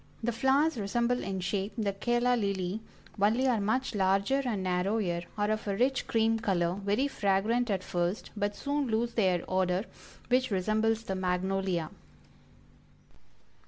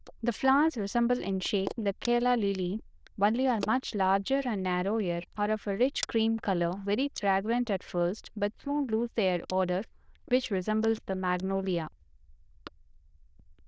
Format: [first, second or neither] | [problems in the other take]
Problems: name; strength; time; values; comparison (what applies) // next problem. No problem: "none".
first | noise reduction (neural diffusion model UNIVERSE++)